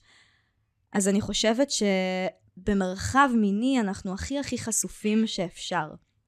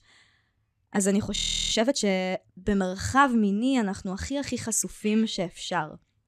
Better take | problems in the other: first | audio freezing; at 1.5 s

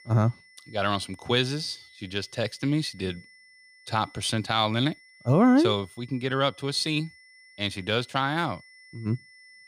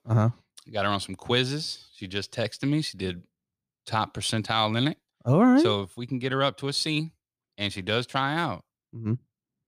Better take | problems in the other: second | high-pitched whine; faint; throughout; 2 kHz, 25 dB below the speech

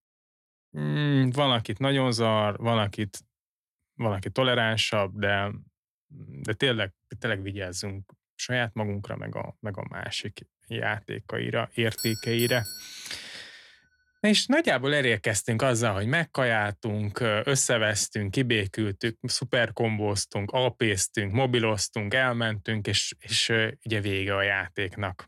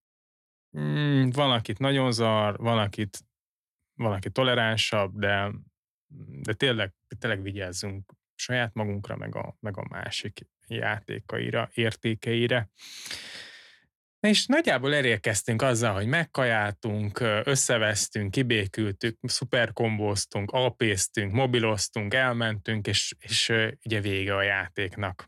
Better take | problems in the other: second | doorbell; noticeable; from 12 to 13 s; peak 7 dB below the speech

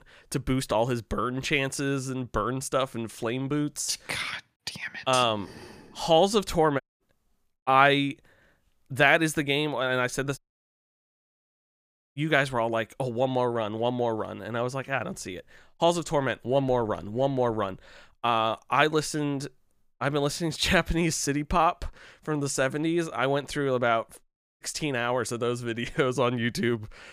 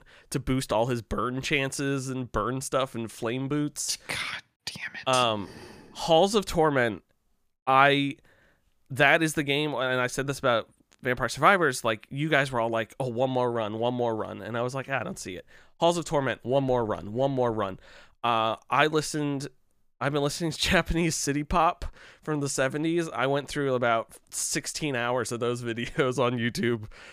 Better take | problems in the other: second | audio cutting out; at 7 s, at 10 s for 2 s and at 24 s

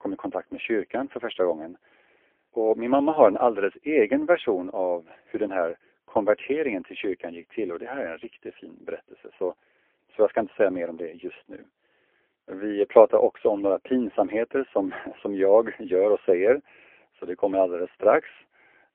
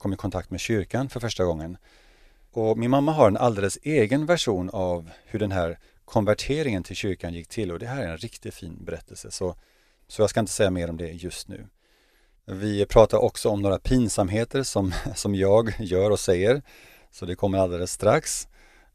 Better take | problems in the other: second | phone-call audio; poor line; nothing above 3.5 kHz

